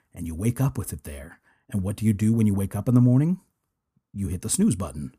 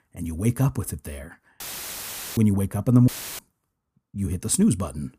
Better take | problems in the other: first | audio cutting out; filled with static; at 1.5 s for 1 s and at 3 s

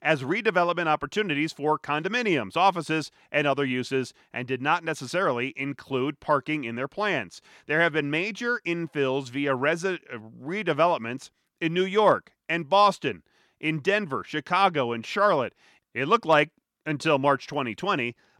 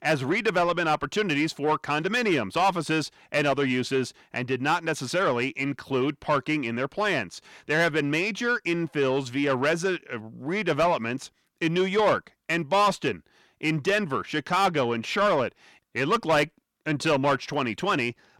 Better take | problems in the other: first | distortion; slight; 10 dB below the speech

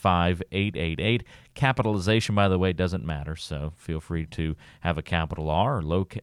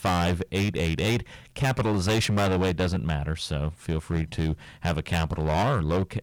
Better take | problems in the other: first | distortion; heavy; 16% of the sound clipped

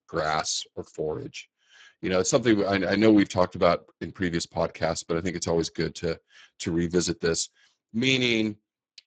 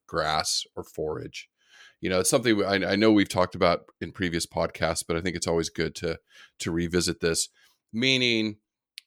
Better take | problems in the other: second | garbled, watery; badly; nothing above 7.5 kHz

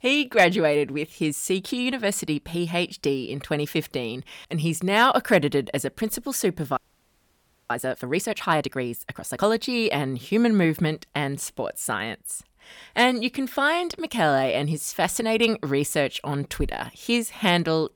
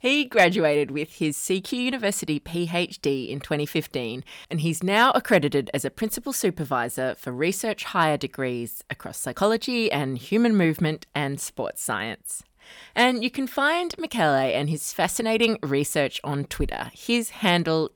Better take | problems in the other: second | audio freezing; at 7 s for 1 s

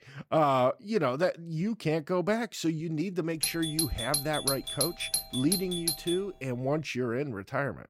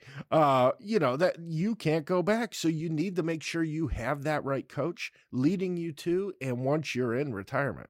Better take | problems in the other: second | doorbell; loud; from 3.5 to 6 s; peak 2 dB above the speech

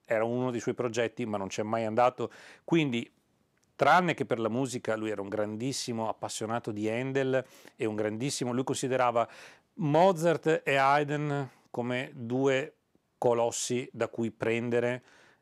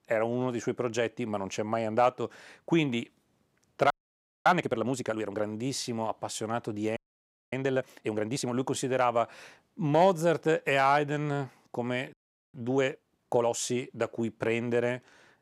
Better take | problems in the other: first | audio freezing; at 4 s for 0.5 s, at 7 s for 0.5 s and at 12 s

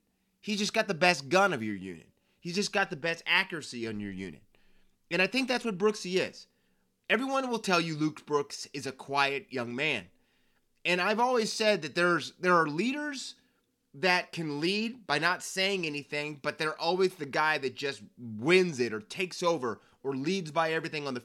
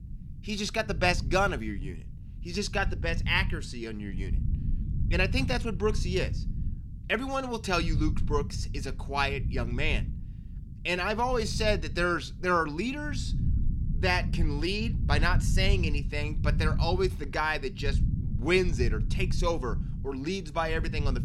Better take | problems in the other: first | low rumble; noticeable; throughout; 15 dB below the speech

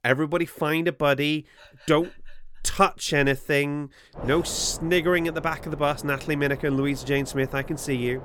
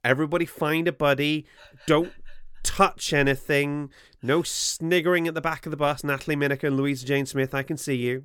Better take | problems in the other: second | wind noise on the microphone; occasional gusts; from 4 s on; 20 dB below the speech

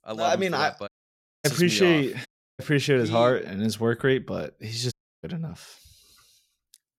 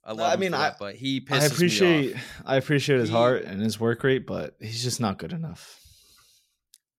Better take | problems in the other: second | audio cutting out; at 1 s for 0.5 s, at 2.5 s and at 5 s

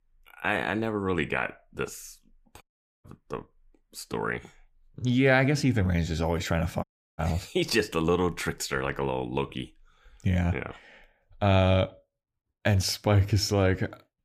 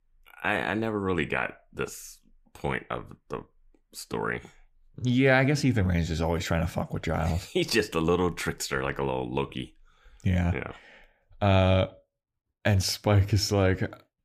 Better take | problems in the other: second | audio cutting out; at 2.5 s and at 7 s

